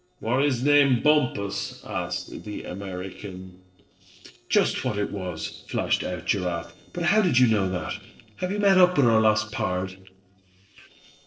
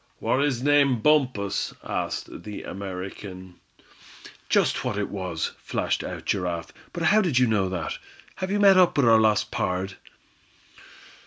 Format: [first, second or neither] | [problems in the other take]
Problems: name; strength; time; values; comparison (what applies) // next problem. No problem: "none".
second | noise reduction (neural separator model SepFormer DNS4)